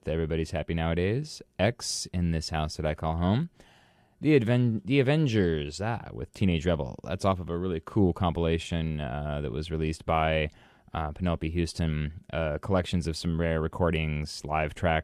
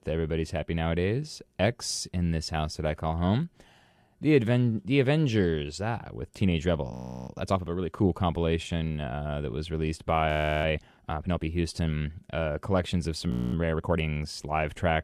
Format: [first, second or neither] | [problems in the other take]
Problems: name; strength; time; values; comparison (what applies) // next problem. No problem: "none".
first | audio freezing; at 7 s, at 10 s and at 13 s